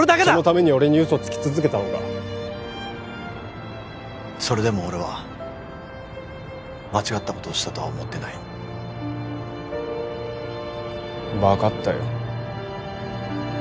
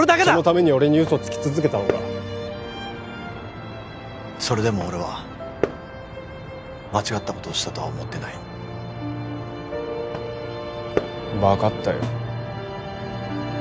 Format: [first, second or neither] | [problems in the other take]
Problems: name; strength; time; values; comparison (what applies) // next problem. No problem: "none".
first | background sound (Snare drum + Fireworks); 12 dB below the speech